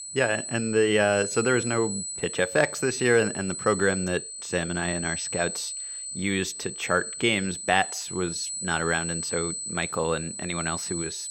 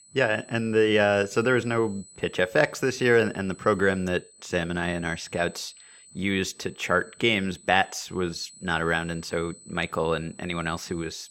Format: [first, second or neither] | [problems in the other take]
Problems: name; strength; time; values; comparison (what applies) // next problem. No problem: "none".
second | high-pitched whine; loud; throughout; 8 kHz, 6 dB below the speech; faint in the second